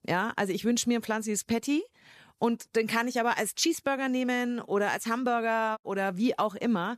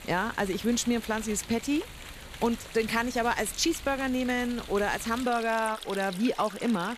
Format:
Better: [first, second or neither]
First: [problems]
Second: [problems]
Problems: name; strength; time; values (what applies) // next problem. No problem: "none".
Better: first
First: none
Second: rain or running water; noticeable; throughout; 15 dB below the speech